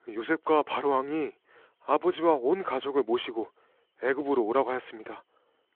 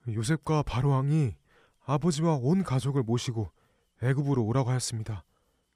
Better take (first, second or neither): second